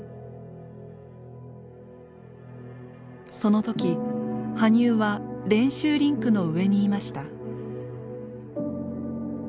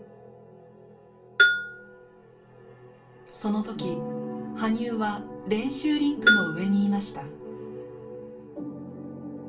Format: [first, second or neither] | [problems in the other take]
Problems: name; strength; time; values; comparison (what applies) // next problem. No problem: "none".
first | background sound (Bell); 2 dB above the speech // room echo; dies away in 0.3 s